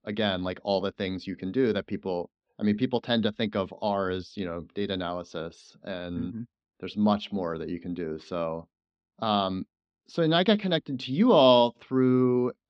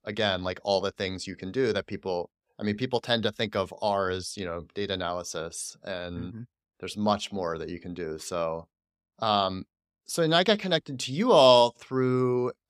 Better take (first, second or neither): second